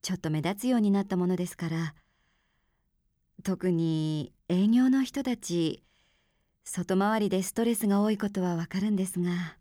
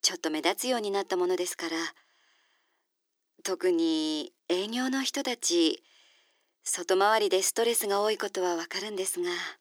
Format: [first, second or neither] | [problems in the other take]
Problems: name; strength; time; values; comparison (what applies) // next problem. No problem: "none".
first | thin; very; fading below 300 Hz